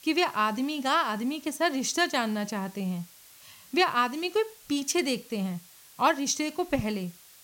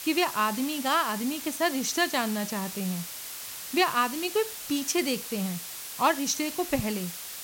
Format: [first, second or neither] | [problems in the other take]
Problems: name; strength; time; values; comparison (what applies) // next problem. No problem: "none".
first | hiss; loud; throughout; 8 dB below the speech; faint in the first